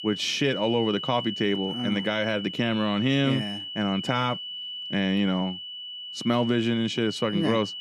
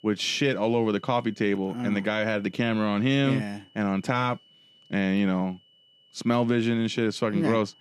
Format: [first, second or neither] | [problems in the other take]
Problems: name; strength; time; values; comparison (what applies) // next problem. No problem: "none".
second | high-pitched whine; loud; throughout; 3 kHz, 8 dB below the speech; faint in the second